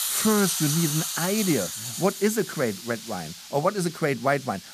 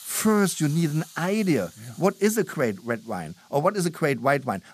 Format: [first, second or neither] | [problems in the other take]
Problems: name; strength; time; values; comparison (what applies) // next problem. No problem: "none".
second | hiss; loud; throughout; 3 dB below the speech; faint in the second